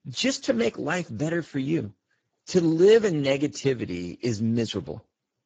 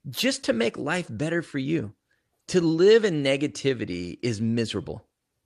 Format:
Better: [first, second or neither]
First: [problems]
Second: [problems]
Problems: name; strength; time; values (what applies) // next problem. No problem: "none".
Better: second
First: garbled, watery; badly; nothing above 7.5 kHz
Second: none